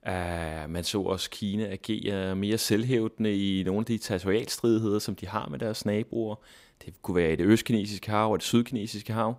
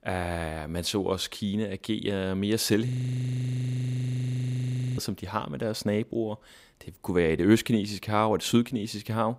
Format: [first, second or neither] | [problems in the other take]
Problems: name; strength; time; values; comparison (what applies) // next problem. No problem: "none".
first | audio freezing; at 3 s for 2 s